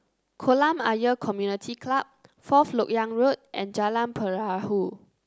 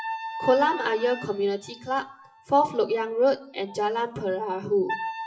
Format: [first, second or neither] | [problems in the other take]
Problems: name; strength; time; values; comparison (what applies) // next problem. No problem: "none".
first | noise reduction (classical method WPE with log-MMSE)